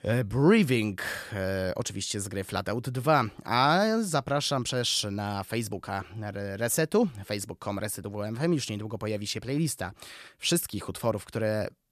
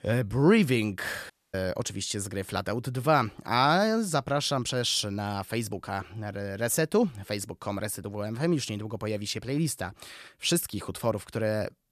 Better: first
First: none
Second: audio cutting out; at 1.5 s

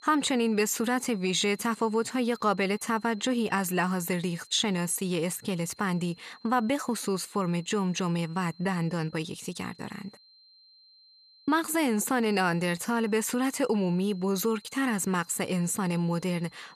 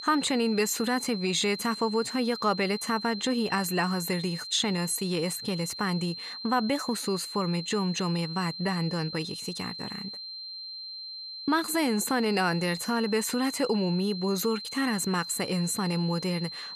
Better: first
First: high-pitched whine; faint; throughout; 4 kHz, 25 dB below the speech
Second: high-pitched whine; loud; throughout; 4 kHz, 8 dB below the speech

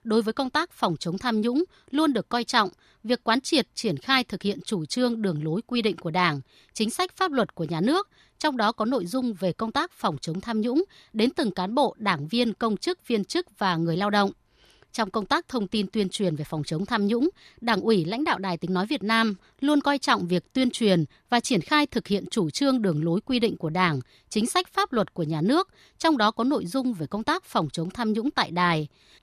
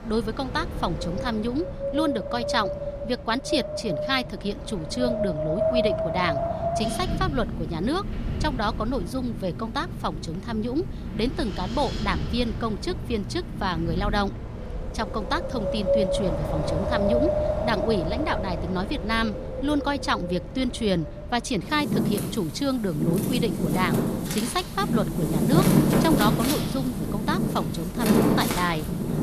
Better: first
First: none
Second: wind in the background; loud; throughout; as loud as the speech

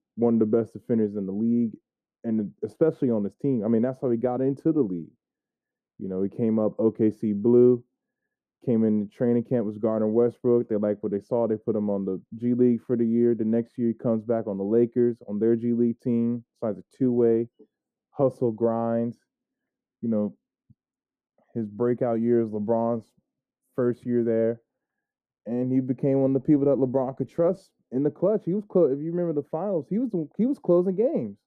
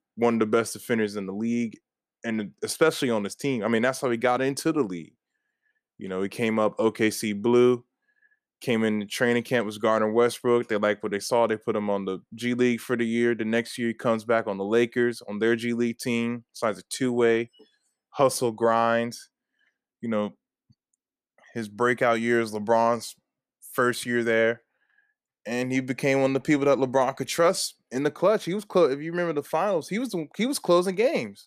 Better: second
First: muffled; very; fading above 1 kHz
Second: none

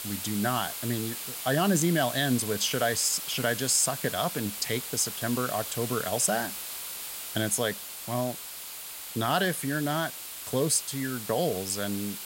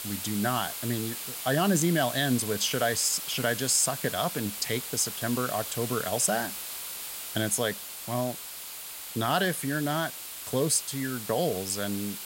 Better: neither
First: hiss; loud; throughout; 7 dB below the speech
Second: hiss; loud; throughout; 7 dB below the speech

